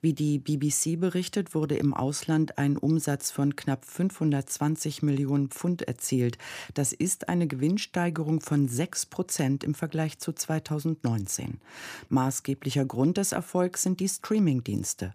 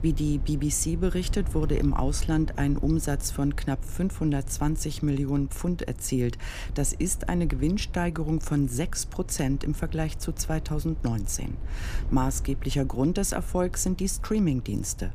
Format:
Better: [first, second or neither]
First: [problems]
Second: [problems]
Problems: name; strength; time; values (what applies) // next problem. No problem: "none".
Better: first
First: none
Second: low rumble; noticeable; throughout; 20 dB below the speech